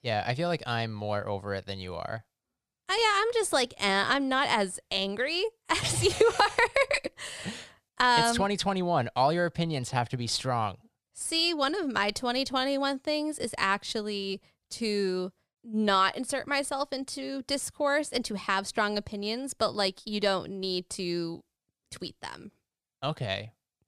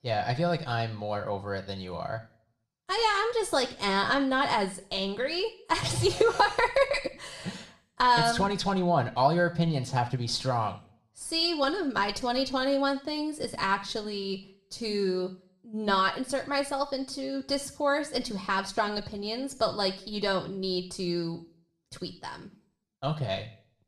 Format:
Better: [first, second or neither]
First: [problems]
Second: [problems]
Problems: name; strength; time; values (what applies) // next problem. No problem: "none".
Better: first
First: none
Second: room echo; very slight; dies away in 0.4 s